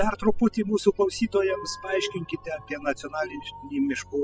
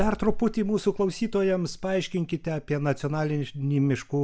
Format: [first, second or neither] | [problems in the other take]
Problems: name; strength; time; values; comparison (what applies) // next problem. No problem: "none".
second | noise reduction (classical method spectral subtraction)